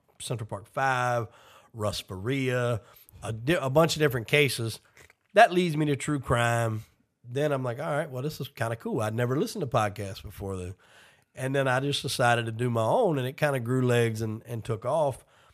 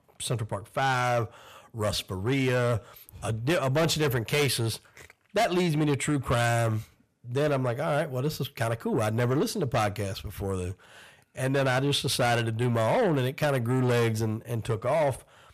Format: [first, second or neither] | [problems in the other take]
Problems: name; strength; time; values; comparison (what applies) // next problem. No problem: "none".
first | distortion; heavy; 7 dB below the speech